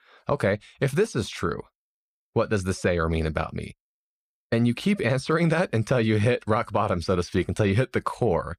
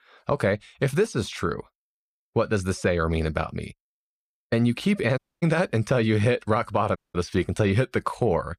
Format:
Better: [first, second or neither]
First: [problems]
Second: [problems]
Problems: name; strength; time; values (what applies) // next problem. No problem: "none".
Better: first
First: none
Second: audio cutting out; at 5 s and at 7 s